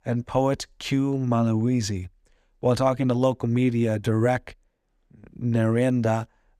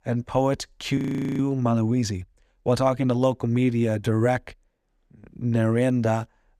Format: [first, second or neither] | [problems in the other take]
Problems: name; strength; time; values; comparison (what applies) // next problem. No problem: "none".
first | audio freezing; at 1 s